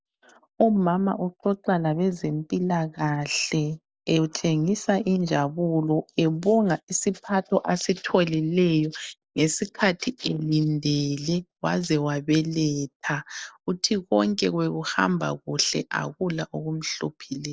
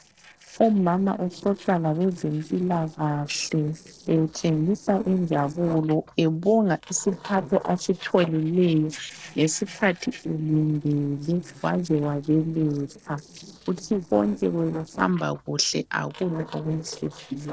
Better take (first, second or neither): first